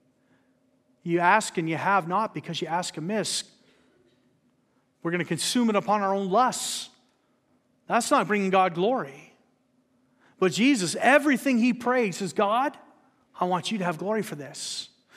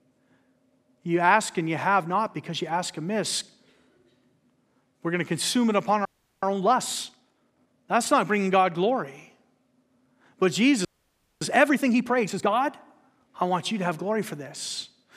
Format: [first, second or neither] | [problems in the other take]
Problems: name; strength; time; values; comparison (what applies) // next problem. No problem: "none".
first | audio freezing; at 6 s and at 11 s for 0.5 s